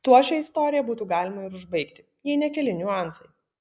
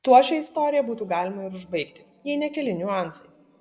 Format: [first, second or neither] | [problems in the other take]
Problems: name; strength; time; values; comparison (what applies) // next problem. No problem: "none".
first | room echo; dies away in 1.7 s